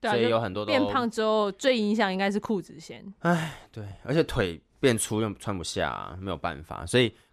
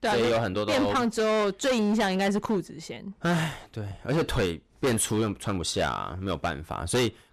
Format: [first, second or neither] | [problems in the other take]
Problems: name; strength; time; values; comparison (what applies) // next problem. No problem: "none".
first | distortion; heavy; 14% of the sound clipped